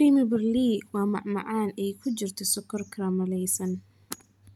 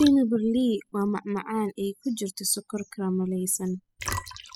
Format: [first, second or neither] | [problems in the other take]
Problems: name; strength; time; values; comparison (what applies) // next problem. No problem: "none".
first | noise reduction (classical method spectral subtraction)